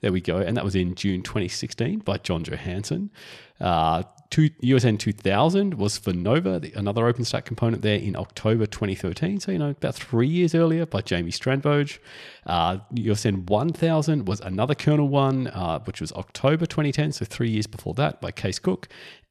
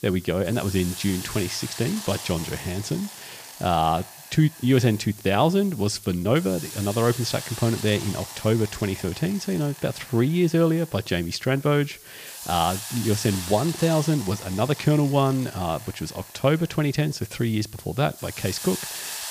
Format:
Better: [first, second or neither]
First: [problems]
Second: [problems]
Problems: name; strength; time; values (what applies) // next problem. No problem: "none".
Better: first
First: none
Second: hiss; noticeable; throughout; 10 dB below the speech